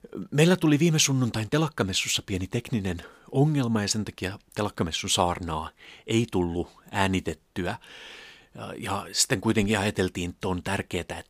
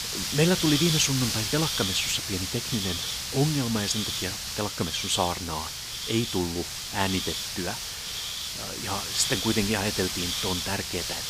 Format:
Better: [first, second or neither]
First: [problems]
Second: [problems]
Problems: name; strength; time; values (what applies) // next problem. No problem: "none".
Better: first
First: none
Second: hiss; loud; throughout; 1 dB below the speech